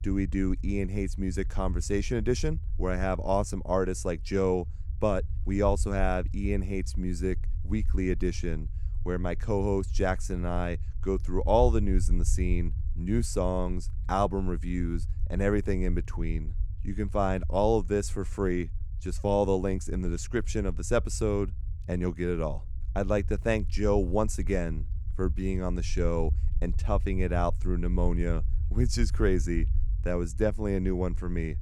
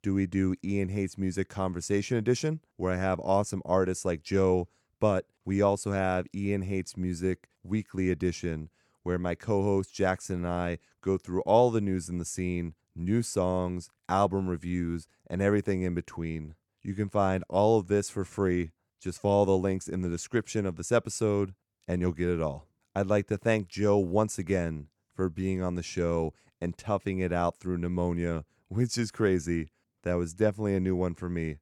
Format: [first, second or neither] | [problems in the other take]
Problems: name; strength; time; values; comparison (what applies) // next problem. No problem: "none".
second | low rumble; faint; throughout; 20 dB below the speech